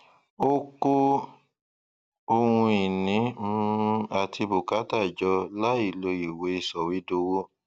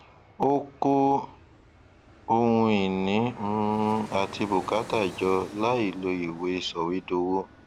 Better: first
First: none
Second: background sound (Fixed-wing aircraft, airplane); 19 dB below the speech

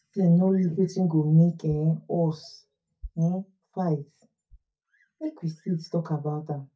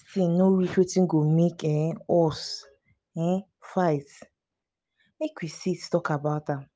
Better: second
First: noise reduction (neural mask model DeepFilterNet 3)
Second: none

